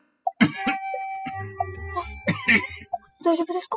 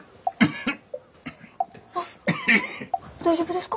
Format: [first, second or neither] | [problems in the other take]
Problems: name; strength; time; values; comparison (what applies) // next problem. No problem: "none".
second | noise reduction (classical method spectral subtraction)